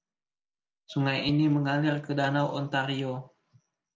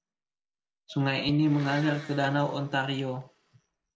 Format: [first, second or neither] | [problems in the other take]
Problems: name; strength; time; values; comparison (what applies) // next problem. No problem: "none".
first | background sound (Domestic sounds, home sounds); 17 dB below the speech